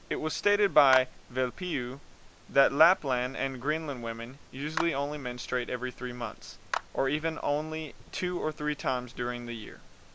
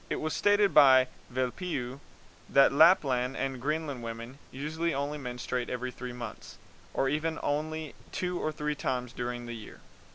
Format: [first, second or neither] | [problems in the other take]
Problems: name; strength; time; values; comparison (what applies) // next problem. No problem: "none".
second | background sound (Clapping); 11 dB below the speech